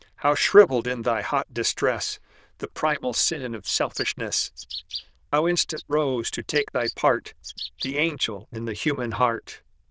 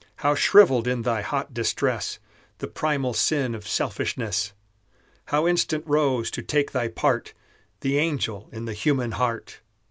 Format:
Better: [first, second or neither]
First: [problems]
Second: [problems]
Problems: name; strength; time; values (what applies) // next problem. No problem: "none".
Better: second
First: noise reduction (neural diffusion model UNIVERSE++)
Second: none